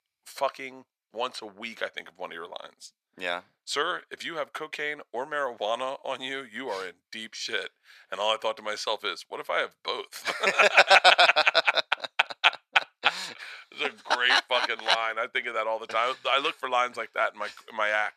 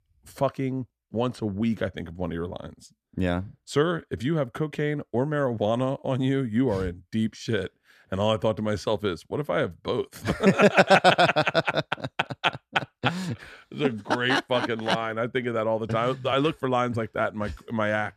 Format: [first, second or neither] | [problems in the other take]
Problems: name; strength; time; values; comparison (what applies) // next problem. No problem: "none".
second | thin; very; fading below 850 Hz